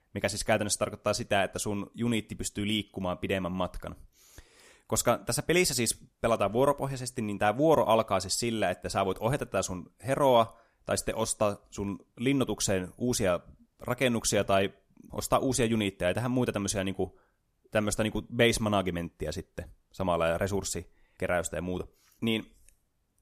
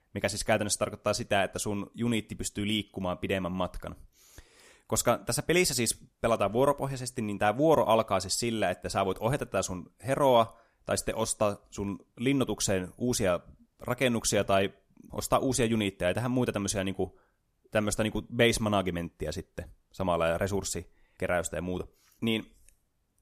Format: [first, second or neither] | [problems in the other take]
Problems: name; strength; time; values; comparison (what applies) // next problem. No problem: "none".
neither | none